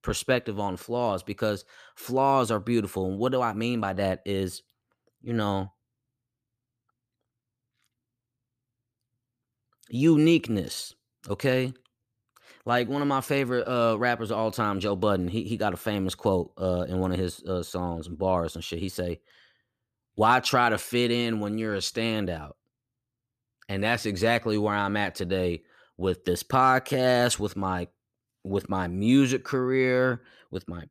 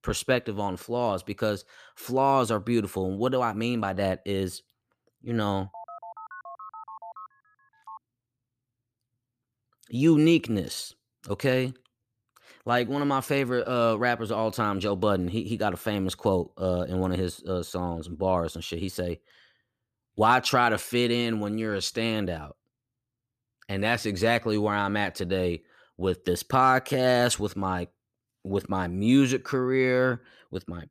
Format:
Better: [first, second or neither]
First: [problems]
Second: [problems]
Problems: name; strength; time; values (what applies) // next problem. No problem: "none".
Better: first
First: none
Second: phone ringing; faint; from 5.5 to 8 s; peak 15 dB below the speech